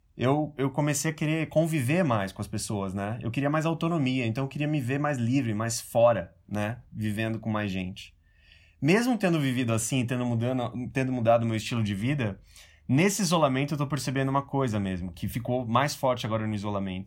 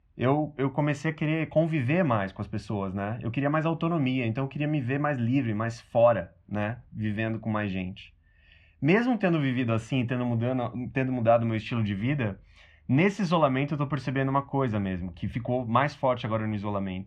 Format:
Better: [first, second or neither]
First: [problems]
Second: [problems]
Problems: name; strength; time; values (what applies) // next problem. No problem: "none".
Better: first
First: none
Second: muffled; very; fading above 2.5 kHz